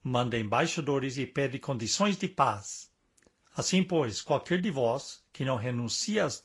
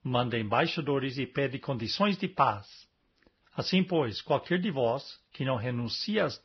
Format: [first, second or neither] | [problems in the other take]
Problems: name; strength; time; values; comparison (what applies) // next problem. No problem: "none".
first | garbled, watery; badly; nothing above 5.5 kHz; slightly in the first